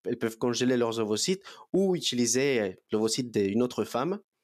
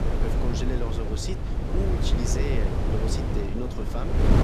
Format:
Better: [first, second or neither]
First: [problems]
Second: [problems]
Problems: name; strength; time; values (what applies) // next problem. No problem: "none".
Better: first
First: none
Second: wind noise on the microphone; heavy; 1 dB above the speech